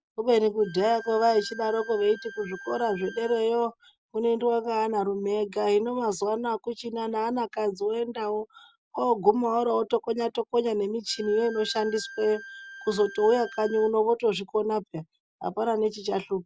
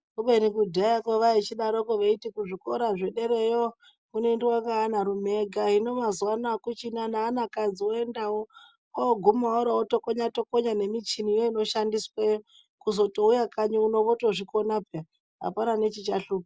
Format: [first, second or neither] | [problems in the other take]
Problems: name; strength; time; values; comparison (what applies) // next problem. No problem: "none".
second | background sound (Bowed string instrument); 17 dB below the speech